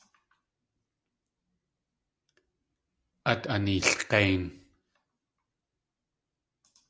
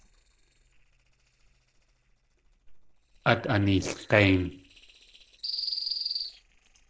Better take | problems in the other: first | noise reduction (neural separator model SepFormer DNS4)

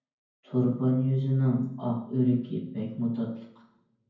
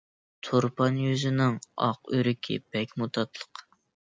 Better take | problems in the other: second | room echo; dies away in 0.9 s

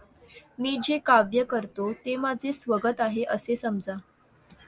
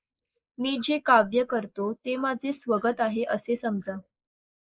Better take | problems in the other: first | noise reduction (neural mask model Resemble Enhance denoiser)

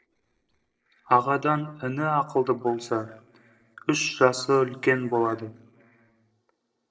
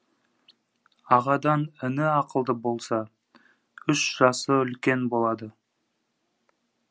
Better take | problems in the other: second | noise reduction (neural separator model SepFormer DNS4)

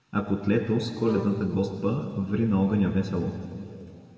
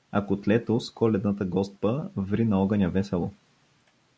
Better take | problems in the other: second | background sound (Bowed string instrument); 16 dB below the speech // room echo; dies away in 2.5 s

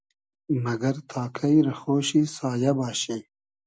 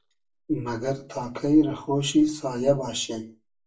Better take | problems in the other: first | room echo; dies away in 0.3 s

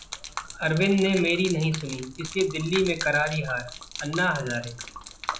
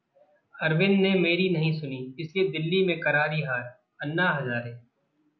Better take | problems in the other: second | background sound (Gurgling / Liquid); 12 dB below the speech

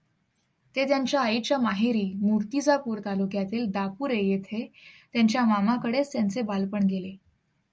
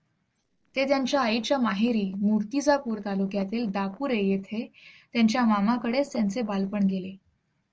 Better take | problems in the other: first | noise reduction (neural separator model SepFormer DNS4)

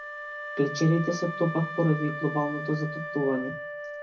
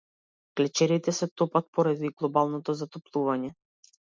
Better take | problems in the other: second | background sound (Wind instrument, woodwind instrument); 8 dB below the speech // room echo; dies away in 0.4 s

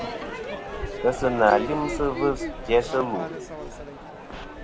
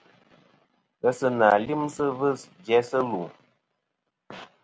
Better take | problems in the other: second | background sound (Crowd / Fireworks); 6 dB below the speech

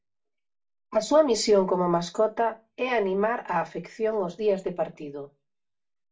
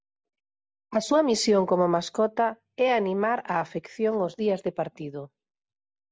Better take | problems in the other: second | room echo; dies away in 0.2 s

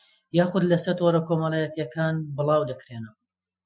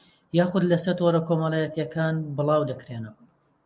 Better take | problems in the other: second | noise reduction (classical method Wiener filter)

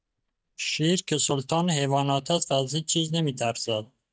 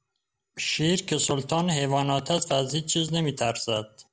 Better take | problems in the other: second | noise reduction (neural mask model DeepFilterNet 3)

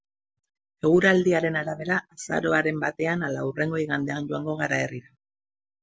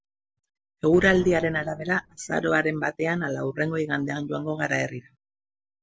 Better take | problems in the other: first | background sound (Explosion); 15 dB below the speech

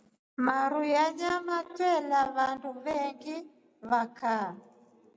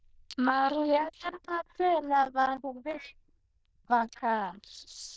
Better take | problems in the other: first | noise reduction (neural diffusion model UNIVERSE++)

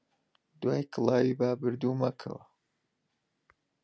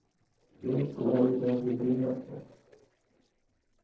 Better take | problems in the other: first | noise reduction (neural separator model SepFormer DNS4)

